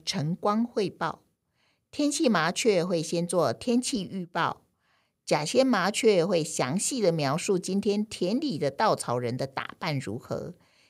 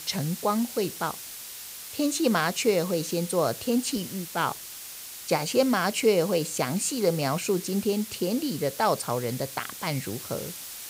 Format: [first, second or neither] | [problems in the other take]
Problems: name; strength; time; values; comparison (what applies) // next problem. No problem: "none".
first | hiss; noticeable; throughout; 10 dB below the speech